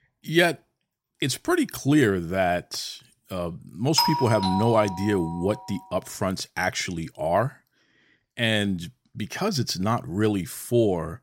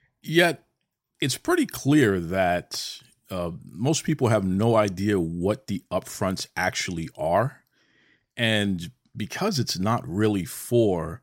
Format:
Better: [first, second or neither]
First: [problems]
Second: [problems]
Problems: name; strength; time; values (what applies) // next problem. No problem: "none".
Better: second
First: doorbell; loud; at 4 s; peak 3 dB above the speech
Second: none